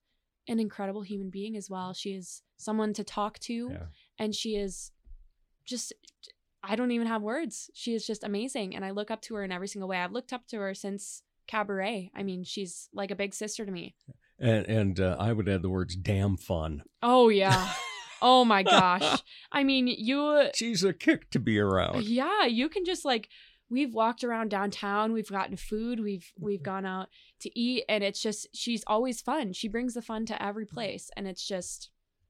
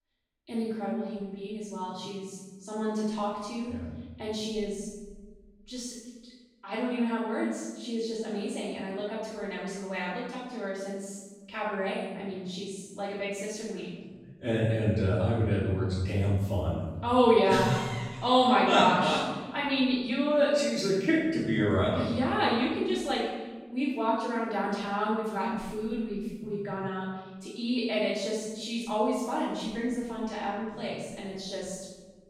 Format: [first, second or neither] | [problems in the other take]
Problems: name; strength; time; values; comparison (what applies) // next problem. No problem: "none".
first | off-mic speech; far // room echo; strong; dies away in 1.3 s